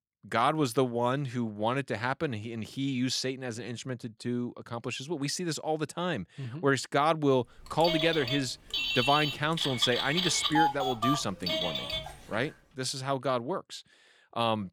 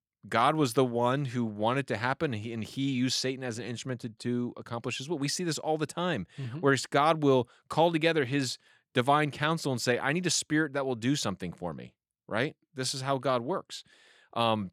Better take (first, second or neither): second